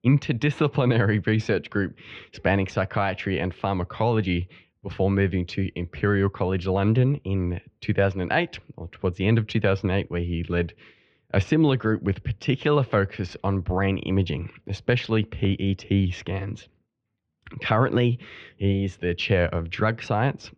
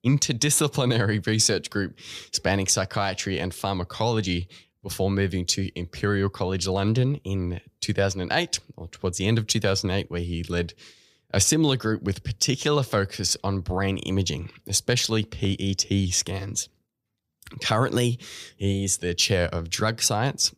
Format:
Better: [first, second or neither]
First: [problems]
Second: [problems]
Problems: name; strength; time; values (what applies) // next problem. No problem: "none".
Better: second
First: muffled; very; fading above 2.5 kHz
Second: none